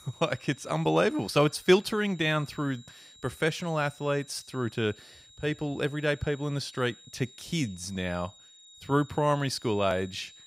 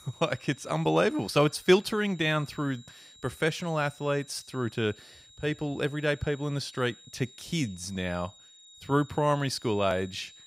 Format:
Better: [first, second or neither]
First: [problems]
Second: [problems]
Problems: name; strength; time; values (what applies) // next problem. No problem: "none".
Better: neither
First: high-pitched whine; faint; throughout; 4 kHz, 20 dB below the speech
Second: high-pitched whine; faint; throughout; 4 kHz, 20 dB below the speech